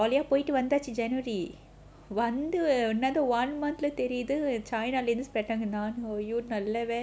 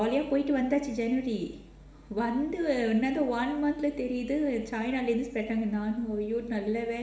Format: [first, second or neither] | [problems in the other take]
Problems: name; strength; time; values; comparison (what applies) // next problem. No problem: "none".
first | room echo; dies away in 0.7 s